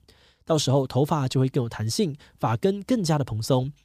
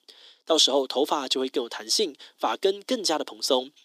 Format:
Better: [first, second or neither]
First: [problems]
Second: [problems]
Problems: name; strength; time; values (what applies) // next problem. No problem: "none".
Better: first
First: none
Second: thin; somewhat; fading below 300 Hz